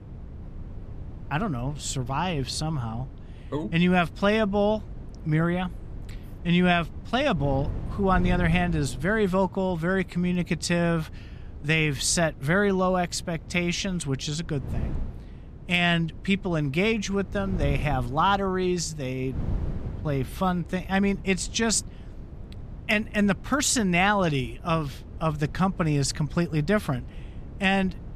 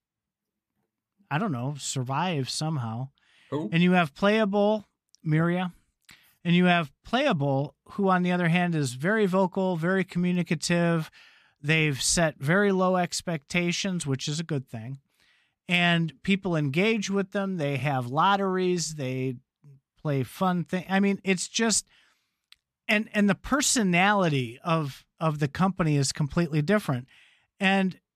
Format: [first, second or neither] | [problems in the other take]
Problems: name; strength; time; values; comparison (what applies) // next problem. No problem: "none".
second | wind noise on the microphone; occasional gusts; 20 dB below the speech